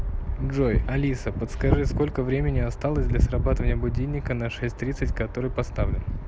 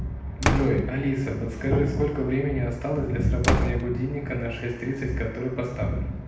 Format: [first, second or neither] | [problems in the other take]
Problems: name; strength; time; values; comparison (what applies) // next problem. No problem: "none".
first | background sound (Slam); 6 dB below the speech // room echo; dies away in 0.9 s